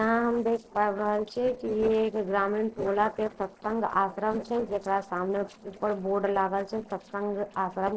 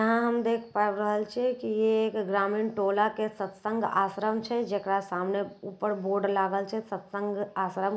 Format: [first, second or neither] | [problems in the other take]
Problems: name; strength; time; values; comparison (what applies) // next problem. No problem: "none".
second | noise reduction (neural separator model SepFormer DNS4)